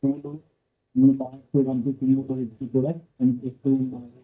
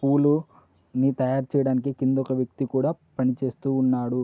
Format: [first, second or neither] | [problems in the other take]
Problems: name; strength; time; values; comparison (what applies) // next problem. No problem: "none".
second | noise reduction (neural mask model DeepFilterNet 3)